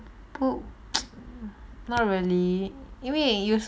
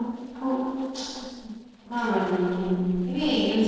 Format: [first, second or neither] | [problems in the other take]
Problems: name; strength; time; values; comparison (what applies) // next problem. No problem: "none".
first | noise reduction (neural separator model SepFormer DNS4)